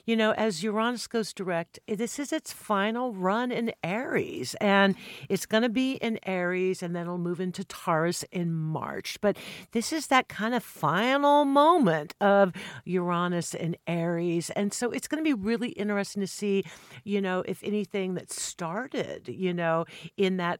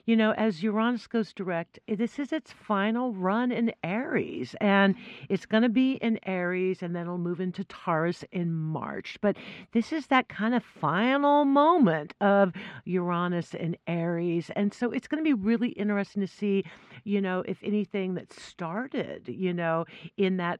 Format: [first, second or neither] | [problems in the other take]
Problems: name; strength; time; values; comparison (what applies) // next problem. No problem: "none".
first | muffled; slightly; fading above 2.5 kHz